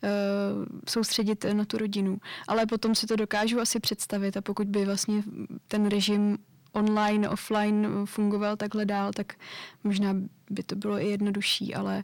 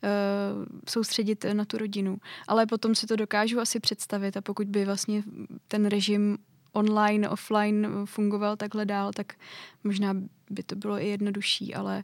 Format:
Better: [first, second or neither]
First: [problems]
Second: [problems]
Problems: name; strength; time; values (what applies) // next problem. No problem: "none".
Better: second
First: distortion; slight; 10 dB below the speech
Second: none